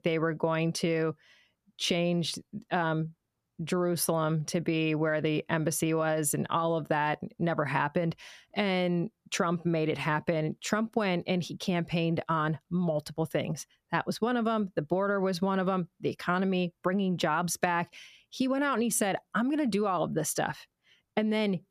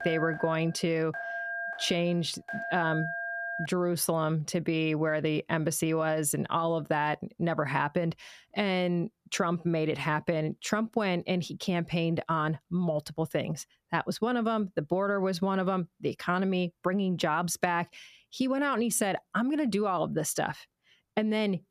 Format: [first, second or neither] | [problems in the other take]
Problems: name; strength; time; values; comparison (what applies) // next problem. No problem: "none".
first | phone ringing; noticeable; until 3.5 s; peak 4 dB below the speech